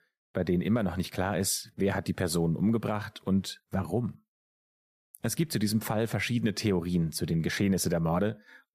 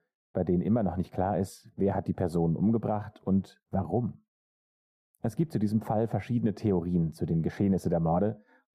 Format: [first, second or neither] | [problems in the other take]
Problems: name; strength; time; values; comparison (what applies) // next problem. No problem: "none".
first | muffled; very; fading above 1.5 kHz